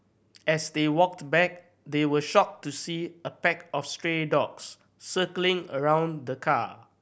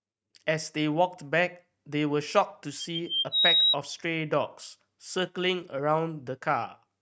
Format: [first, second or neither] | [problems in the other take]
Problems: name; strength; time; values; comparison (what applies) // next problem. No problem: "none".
first | noise reduction (neural mask model RNNoise)